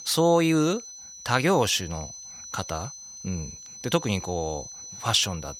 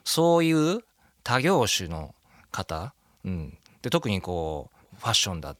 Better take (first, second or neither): second